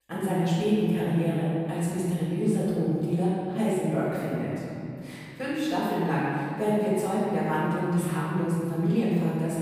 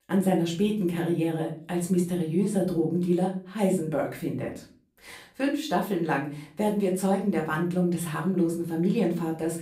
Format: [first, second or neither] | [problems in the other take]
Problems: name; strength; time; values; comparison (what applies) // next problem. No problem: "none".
second | room echo; strong; dies away in 2.7 s; slight in the second // off-mic speech; far; far in the second